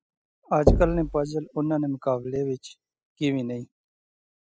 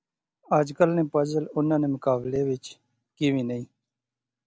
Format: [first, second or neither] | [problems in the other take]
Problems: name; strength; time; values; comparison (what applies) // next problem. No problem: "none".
second | noise reduction (classical method spectral subtraction)